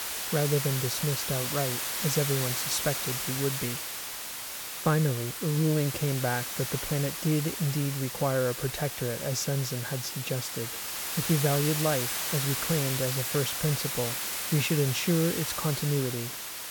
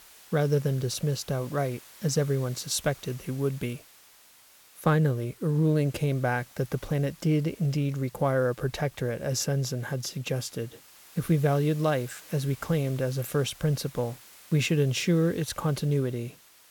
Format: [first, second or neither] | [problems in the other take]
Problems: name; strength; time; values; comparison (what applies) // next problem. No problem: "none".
second | hiss; loud; throughout; 1 dB below the speech; faint in the second